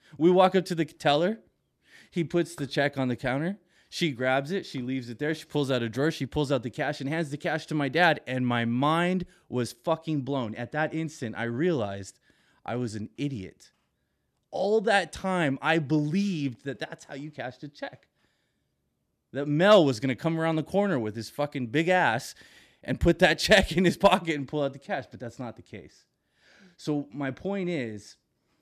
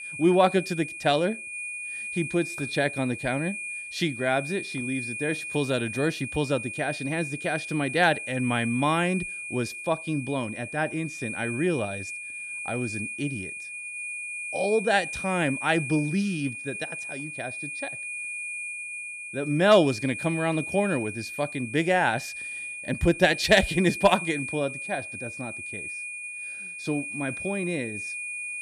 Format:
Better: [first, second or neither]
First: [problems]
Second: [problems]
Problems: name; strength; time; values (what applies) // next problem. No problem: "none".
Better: first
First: none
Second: high-pitched whine; loud; throughout; 2.5 kHz, 7 dB below the speech